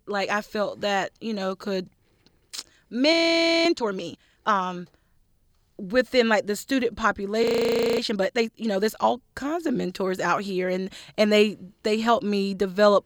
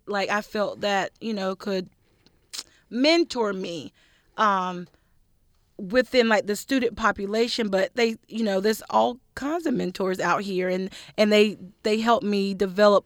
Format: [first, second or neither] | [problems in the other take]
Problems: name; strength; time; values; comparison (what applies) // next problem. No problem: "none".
second | audio freezing; at 3 s for 0.5 s and at 7.5 s for 0.5 s